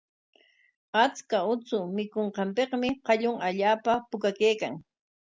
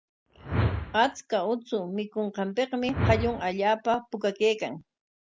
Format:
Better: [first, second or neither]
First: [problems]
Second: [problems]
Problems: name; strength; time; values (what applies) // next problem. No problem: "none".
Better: first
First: none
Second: background sound (Whoosh, swoosh, swish); 4 dB below the speech